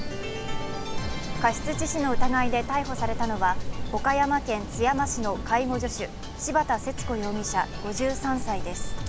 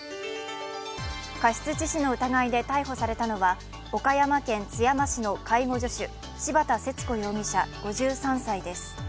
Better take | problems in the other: second | background sound (Rain); 2 dB below the speech

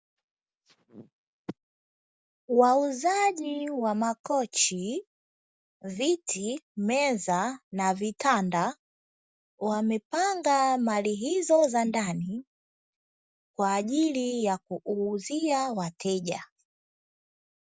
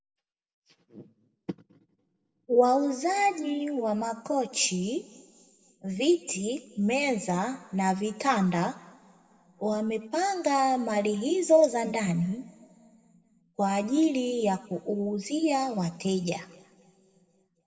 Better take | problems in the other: first | room echo; dies away in 1.2 s

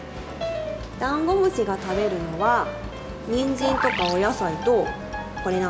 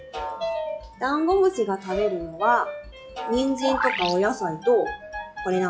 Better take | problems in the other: first | noise reduction (classical method log-MMSE)

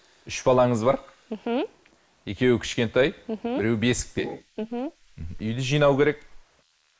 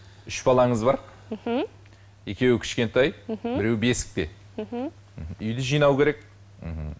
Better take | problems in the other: second | noise reduction (neural mask model Resemble Enhance denoiser)

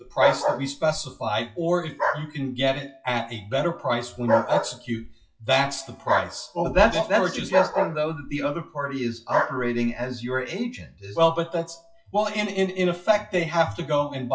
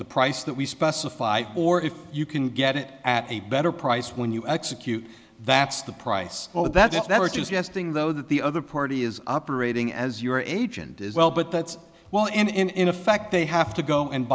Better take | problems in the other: second | noise reduction (classical method WPE with log-MMSE)

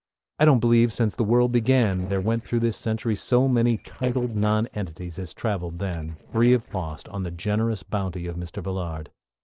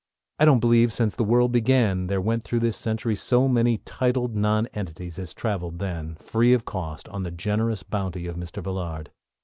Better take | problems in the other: second | noise reduction (neural separator model SepFormer DNS4)

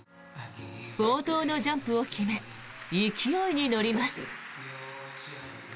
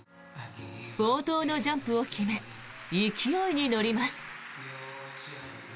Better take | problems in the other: second | background sound (Cough); 18 dB below the speech

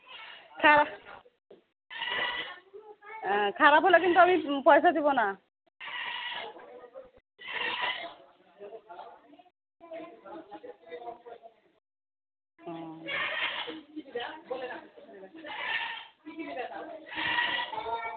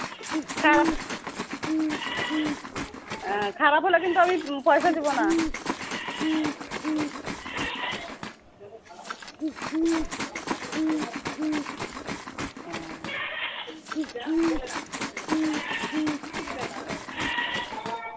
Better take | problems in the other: first | background sound (Bird + Liquid); as loud as the speech

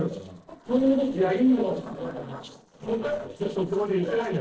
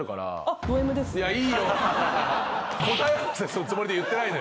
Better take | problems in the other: second | noise reduction (neural separator model SepFormer DNS4)

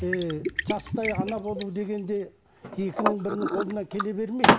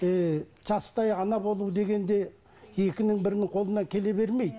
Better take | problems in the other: second | background sound (Liquid); 2 dB above the speech

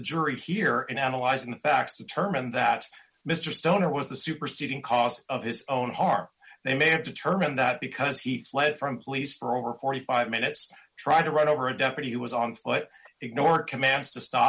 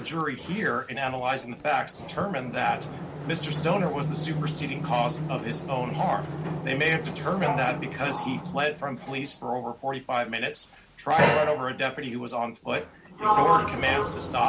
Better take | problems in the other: first | background sound (Sliding door); 2 dB below the speech

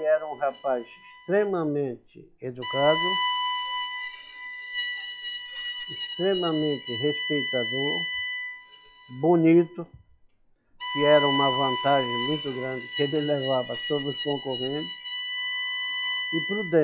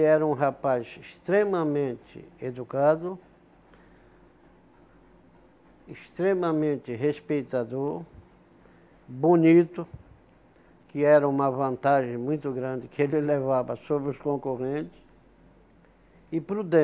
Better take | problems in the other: second | noise reduction (classical method log-MMSE)

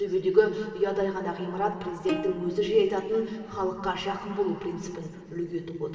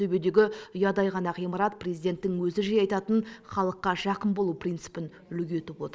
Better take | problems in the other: second | background sound (Plucked string instrument); 13 dB below the speech // room echo; dies away in 2.8 s

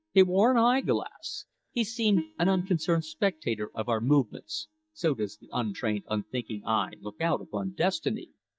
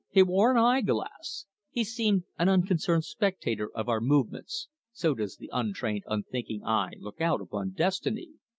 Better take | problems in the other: second | noise reduction (neural mask model DeepFilterNet 3)

